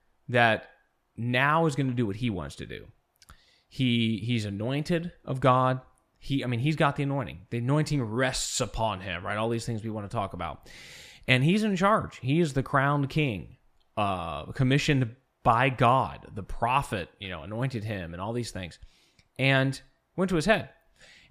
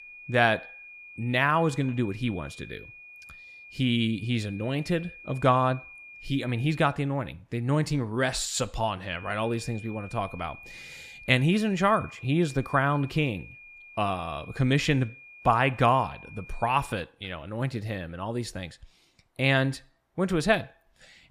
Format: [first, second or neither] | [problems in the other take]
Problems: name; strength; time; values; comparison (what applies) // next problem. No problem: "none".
first | high-pitched whine; noticeable; until 7 s and from 9 to 17 s; 2.5 kHz, 20 dB below the speech